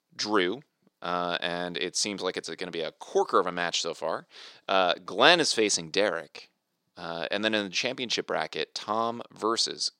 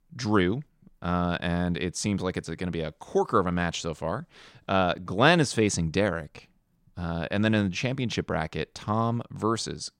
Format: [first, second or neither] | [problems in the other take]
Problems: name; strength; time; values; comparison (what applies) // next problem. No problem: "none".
second | thin; somewhat; fading below 400 Hz